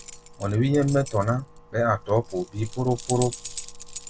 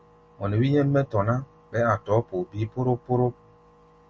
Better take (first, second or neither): second